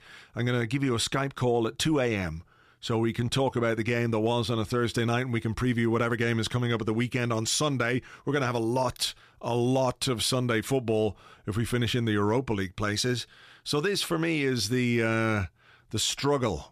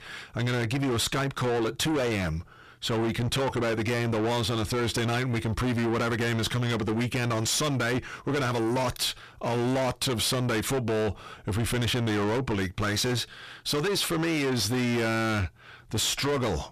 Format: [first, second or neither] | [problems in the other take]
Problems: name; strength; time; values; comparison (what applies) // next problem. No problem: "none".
first | distortion; heavy; 7 dB below the speech